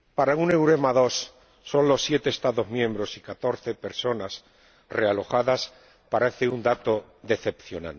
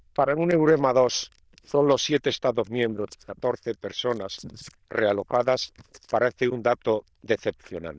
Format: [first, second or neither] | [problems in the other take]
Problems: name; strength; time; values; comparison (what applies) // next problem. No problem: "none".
first | noise reduction (neural diffusion model UNIVERSE++)